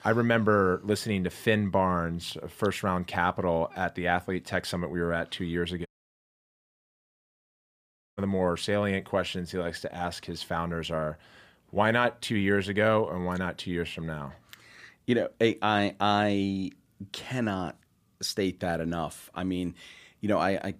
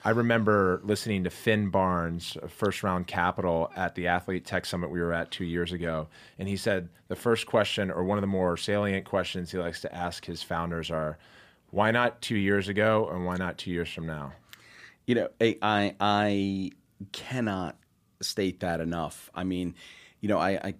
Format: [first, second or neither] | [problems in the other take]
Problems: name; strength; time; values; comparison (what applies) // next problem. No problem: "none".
second | audio cutting out; at 6 s for 2.5 s